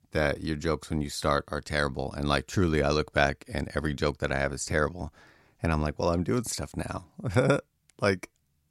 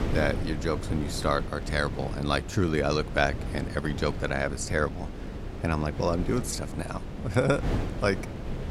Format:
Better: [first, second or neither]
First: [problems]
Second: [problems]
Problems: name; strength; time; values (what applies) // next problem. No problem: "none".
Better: first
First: none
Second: wind noise on the microphone; occasional gusts; 10 dB below the speech